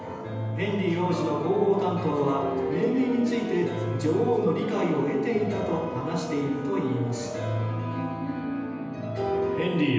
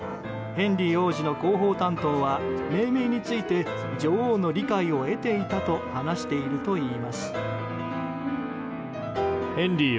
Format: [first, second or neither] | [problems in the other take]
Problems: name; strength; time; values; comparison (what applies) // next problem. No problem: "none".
second | room echo; dies away in 1.1 s